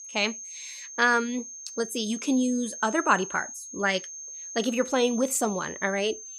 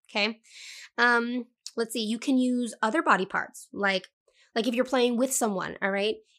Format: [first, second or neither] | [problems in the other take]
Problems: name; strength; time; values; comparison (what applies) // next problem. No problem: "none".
second | high-pitched whine; noticeable; throughout; 6.5 kHz, 10 dB below the speech